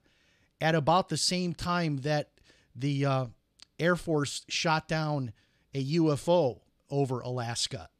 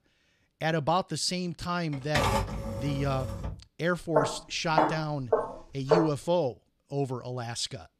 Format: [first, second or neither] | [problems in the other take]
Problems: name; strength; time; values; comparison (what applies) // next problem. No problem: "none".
first | keyboard typing; loud; from 2 to 3.5 s; peak 4 dB above the speech // footsteps; loud; from 4 to 6 s; peak 4 dB above the speech